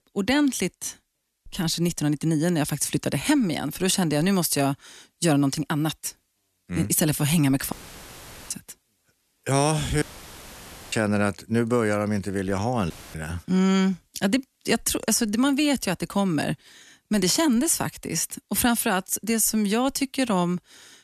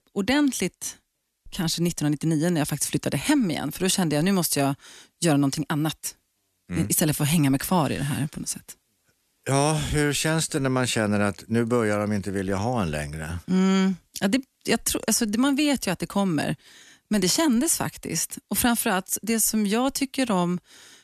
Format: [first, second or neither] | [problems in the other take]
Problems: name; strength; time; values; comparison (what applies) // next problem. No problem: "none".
second | audio cutting out; filled with static; at 7.5 s for 1 s, at 10 s for 1 s and at 13 s